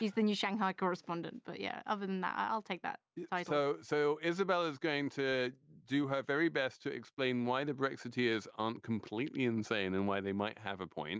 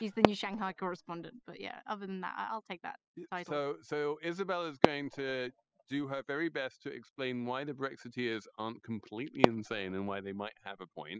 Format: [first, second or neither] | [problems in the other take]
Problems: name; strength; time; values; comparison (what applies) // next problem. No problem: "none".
first | noise reduction (classical method spectral subtraction)